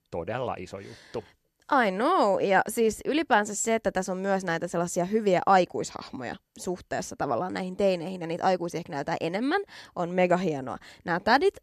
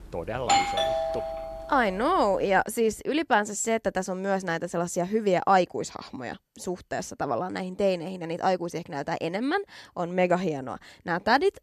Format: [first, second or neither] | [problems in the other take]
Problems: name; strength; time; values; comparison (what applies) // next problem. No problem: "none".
first | doorbell; loud; until 1.5 s; peak 4 dB above the speech